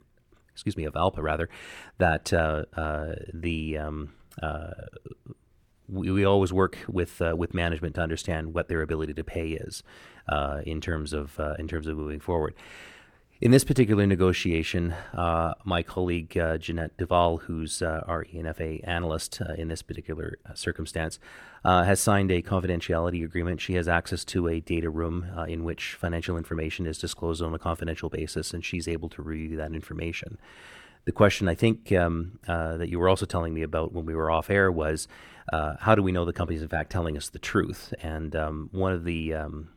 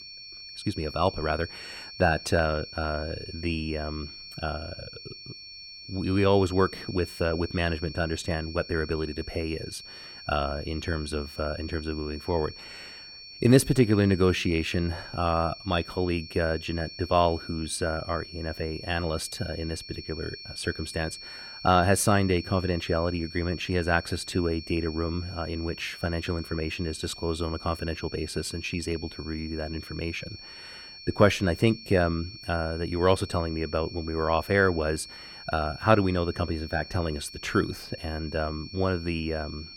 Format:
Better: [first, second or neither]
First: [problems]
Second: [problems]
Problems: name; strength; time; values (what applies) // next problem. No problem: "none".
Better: first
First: none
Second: high-pitched whine; noticeable; throughout; 4.5 kHz, 15 dB below the speech